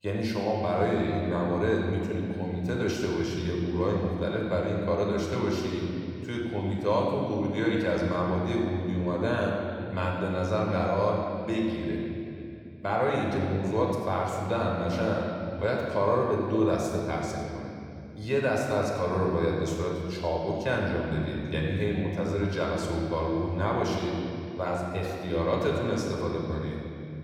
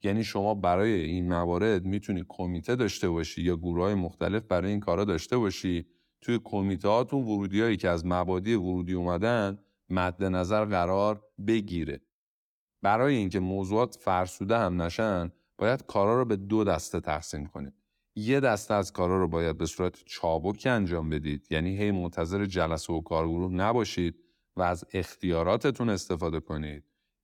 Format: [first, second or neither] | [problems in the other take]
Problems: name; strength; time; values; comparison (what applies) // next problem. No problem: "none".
second | room echo; noticeable; dies away in 2.6 s // off-mic speech; somewhat distant